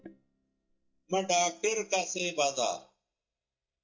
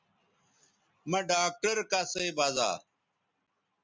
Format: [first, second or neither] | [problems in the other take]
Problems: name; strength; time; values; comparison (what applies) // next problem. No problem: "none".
second | noise reduction (neural mask model DeepFilterNet 3)